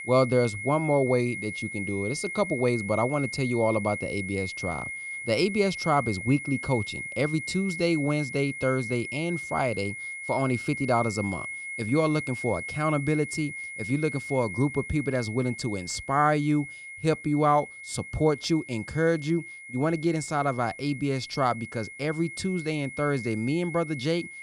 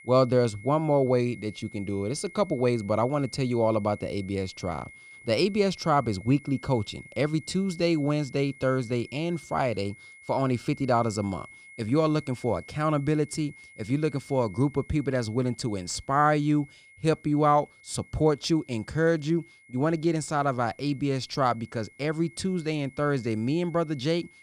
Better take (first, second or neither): second